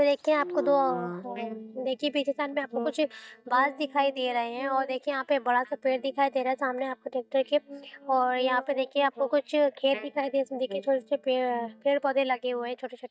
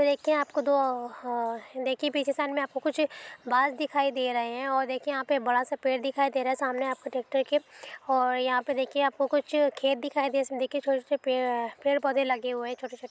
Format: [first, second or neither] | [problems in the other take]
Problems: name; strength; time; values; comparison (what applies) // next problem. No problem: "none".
second | noise reduction (neural mask model DeepFilterNet 3)